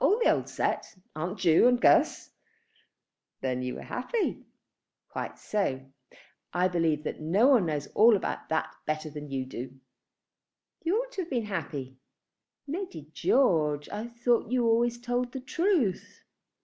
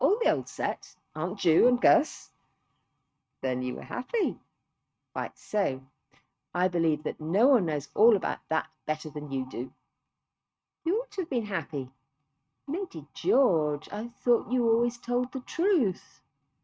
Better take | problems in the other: first | noise reduction (neural mask model RNNoise)

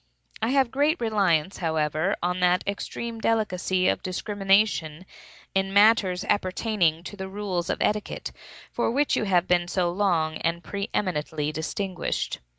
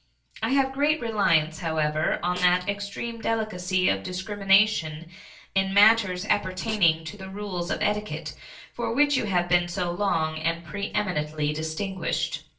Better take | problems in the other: first | background sound (Snare drum); 19 dB below the speech // room echo; dies away in 0.3 s

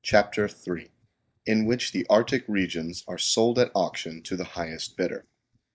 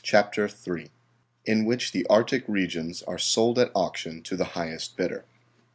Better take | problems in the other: second | noise reduction (neural mask model DeepFilterNet 3)

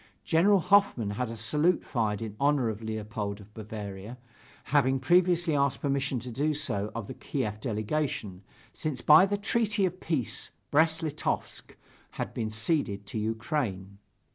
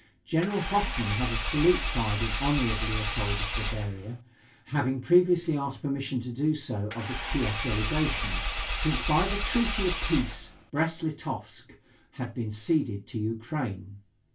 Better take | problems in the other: first | background sound (Engine / Car); 2 dB below the speech // room echo; dies away in 0.2 s

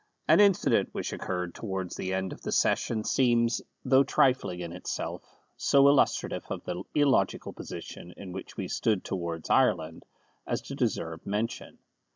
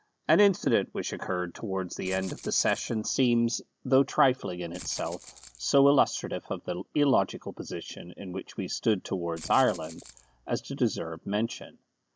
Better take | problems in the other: first | background sound (Rattle (instrument)); 18 dB below the speech

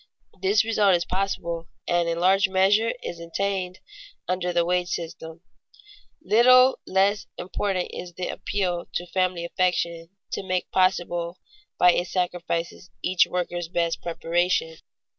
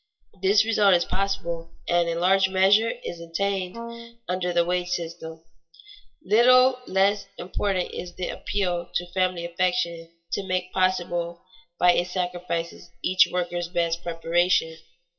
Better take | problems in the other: first | noise reduction (classical method WPE with log-MMSE)

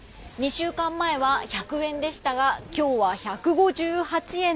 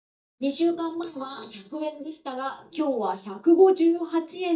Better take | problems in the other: first | noise reduction (neural mask model DeepFilterNet 3)

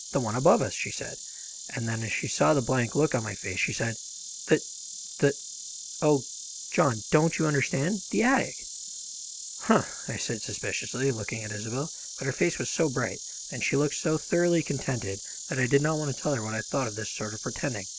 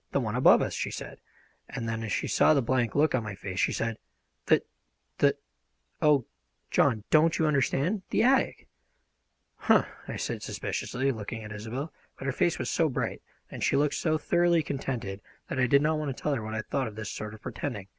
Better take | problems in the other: second | background sound (Insect); 10 dB below the speech

